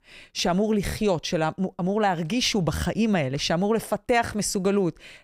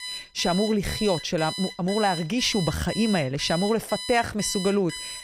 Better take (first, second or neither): first